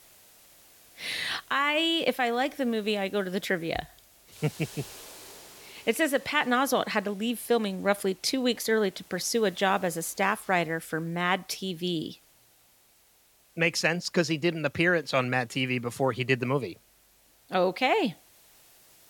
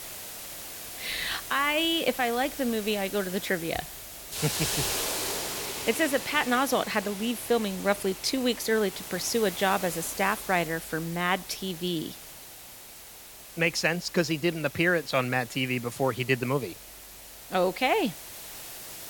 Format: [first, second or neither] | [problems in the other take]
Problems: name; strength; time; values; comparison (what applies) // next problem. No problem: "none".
first | hiss; loud; throughout; 9 dB below the speech; faint in the first